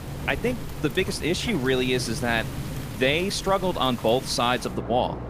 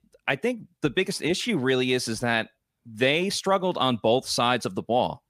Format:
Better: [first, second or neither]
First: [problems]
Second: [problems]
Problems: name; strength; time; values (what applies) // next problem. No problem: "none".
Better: second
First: rain or running water; loud; throughout; 10 dB below the speech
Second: none